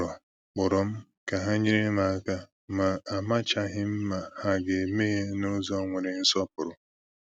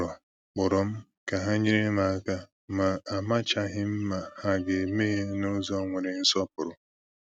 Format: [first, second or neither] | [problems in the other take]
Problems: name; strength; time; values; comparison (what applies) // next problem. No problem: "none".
first | noise reduction (neural mask model RNNoise)